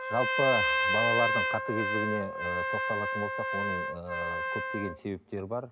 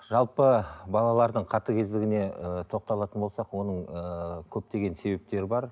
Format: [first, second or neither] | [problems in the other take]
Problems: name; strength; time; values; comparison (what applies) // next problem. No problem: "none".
second | background sound (Trumpet); 3 dB above the speech